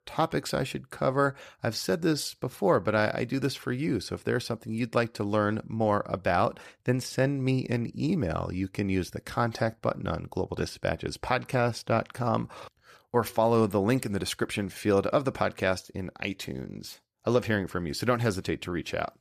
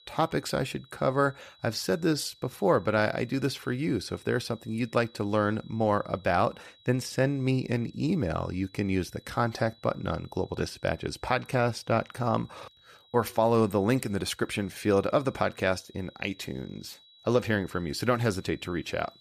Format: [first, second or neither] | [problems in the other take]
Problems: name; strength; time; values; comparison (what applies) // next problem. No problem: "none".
first | high-pitched whine; faint; throughout; 4 kHz, 25 dB below the speech